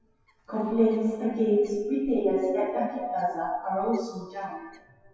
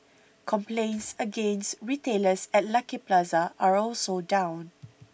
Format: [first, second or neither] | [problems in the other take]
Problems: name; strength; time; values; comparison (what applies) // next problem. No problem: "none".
second | noise reduction (classical method WPE with log-MMSE)